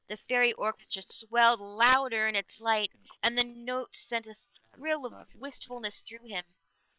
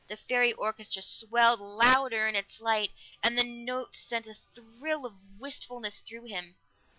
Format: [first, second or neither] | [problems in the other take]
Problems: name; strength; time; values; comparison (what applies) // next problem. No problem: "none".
second | noise reduction (neural separator model SepFormer WHAM!)